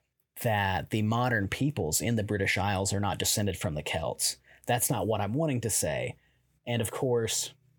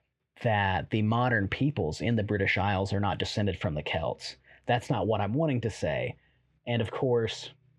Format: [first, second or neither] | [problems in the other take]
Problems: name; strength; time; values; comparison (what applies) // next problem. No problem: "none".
first | muffled; slightly; fading above 3.5 kHz